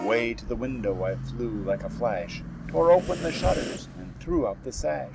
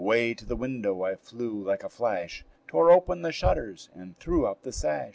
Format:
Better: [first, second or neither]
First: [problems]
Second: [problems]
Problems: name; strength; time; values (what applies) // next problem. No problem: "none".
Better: second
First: background sound (Bus / Vehicle horn, car horn, honking + Breathing); 9 dB below the speech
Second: none